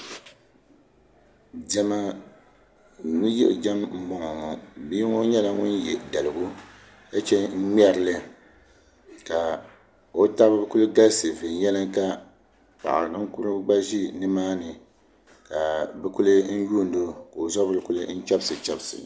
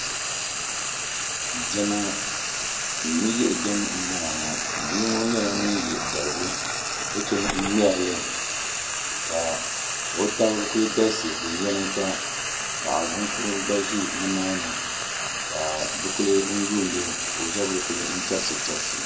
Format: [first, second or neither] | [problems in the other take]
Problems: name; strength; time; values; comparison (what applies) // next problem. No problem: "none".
first | background sound (Frying (food)); as loud as the speech // room echo; dies away in 1.4 s